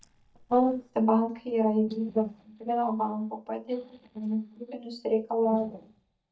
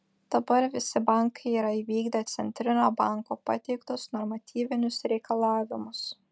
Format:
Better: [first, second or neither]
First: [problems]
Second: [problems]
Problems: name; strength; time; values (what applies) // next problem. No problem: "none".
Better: second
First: noise reduction (neural mask model DeepFilterNet 3)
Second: none